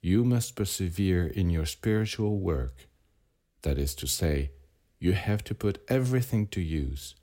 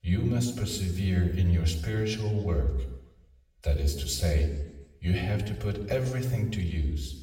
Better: first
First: none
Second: room echo; noticeable; dies away in 0.9 s // off-mic speech; far

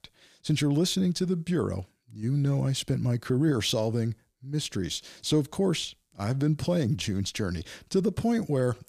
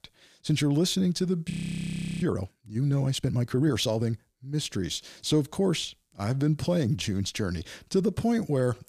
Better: first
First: none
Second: audio freezing; at 1.5 s for 0.5 s

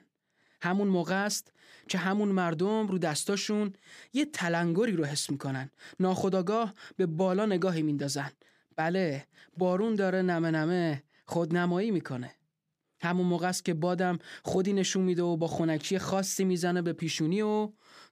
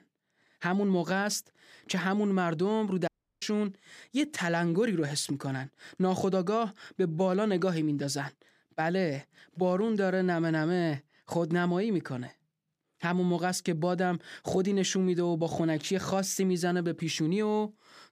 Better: first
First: none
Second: audio cutting out; at 3 s

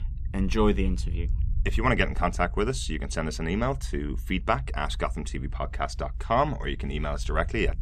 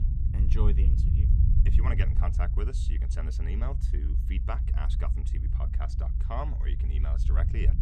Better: first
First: low rumble; faint; throughout; 25 dB below the speech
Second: low rumble; loud; throughout; 4 dB below the speech

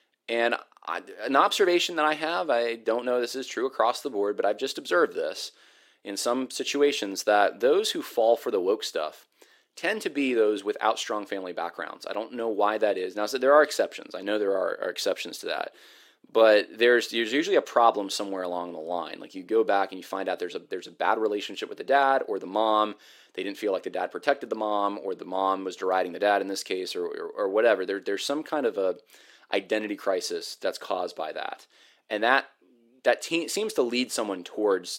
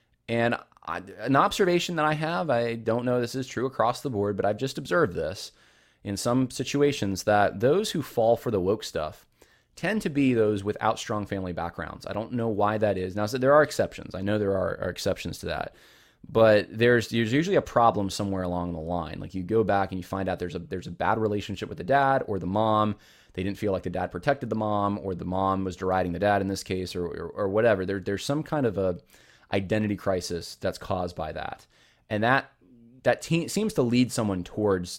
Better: second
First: thin; somewhat; fading below 350 Hz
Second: none

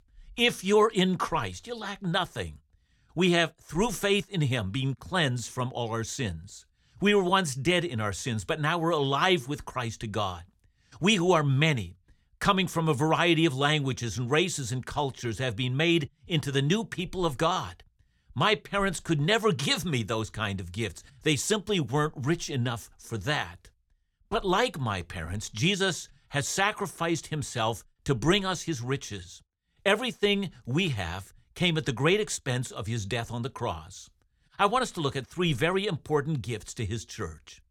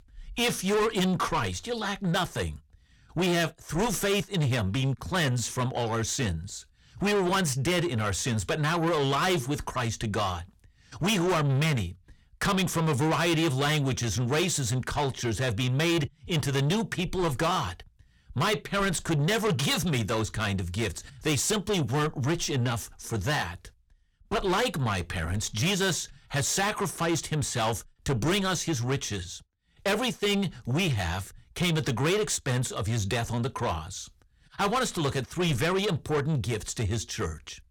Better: first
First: none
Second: distortion; heavy; 6 dB below the speech

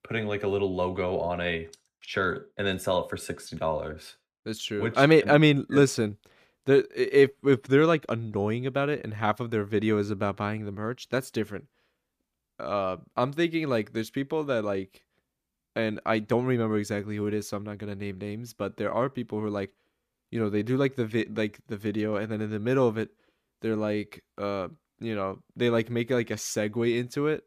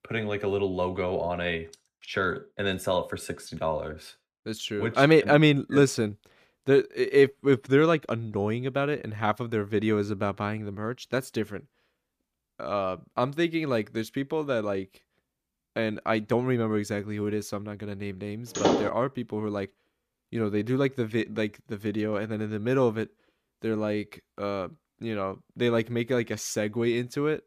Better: first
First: none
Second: door banging; loud; at 19 s; peak 2 dB above the speech

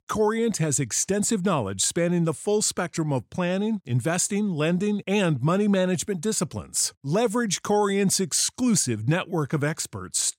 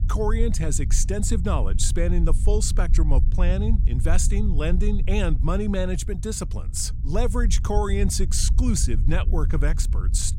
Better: first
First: none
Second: low rumble; noticeable; throughout; 15 dB below the speech

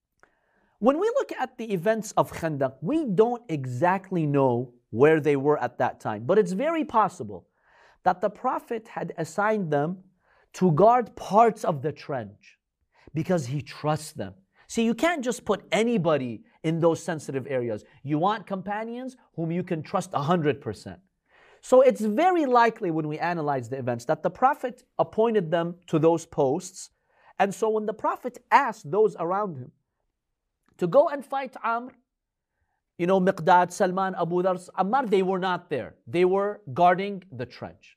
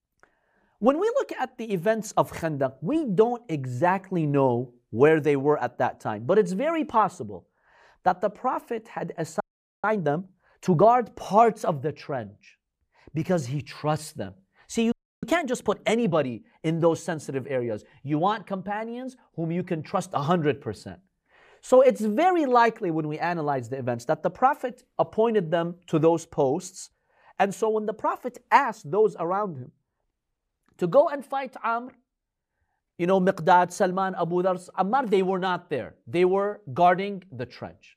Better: first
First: none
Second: audio freezing; at 9.5 s and at 15 s

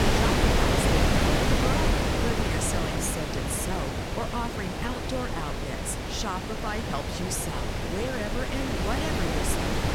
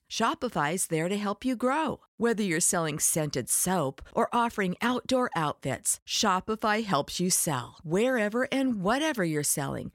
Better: second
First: wind noise on the microphone; heavy; 5 dB above the speech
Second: none

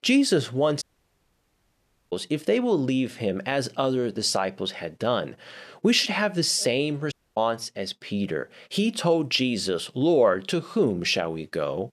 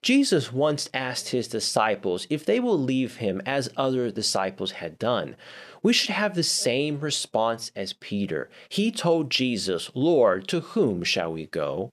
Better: second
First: audio cutting out; at 1 s for 1.5 s and at 7 s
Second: none

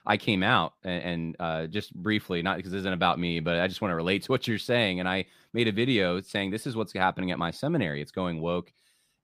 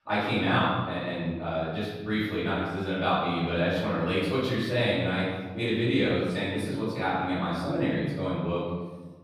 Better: first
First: none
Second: room echo; noticeable; dies away in 1.2 s // off-mic speech; far

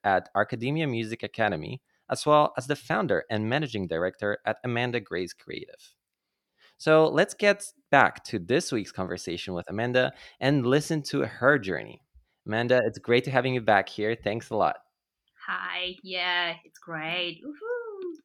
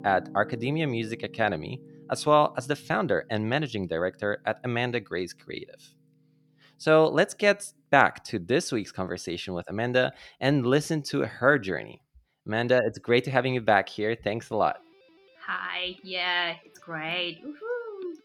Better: first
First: none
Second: background music; faint; throughout; 25 dB below the speech

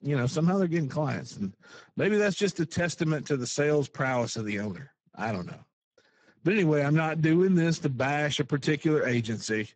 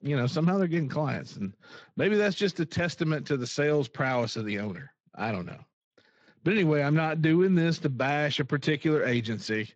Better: second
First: garbled, watery; badly; nothing above 7.5 kHz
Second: garbled, watery; slightly; nothing above 7.5 kHz

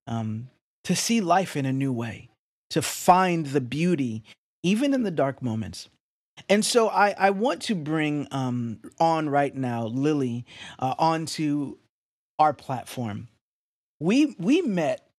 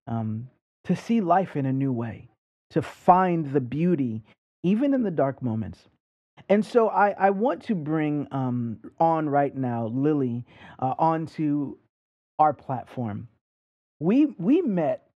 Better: first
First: none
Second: muffled; very; fading above 3 kHz

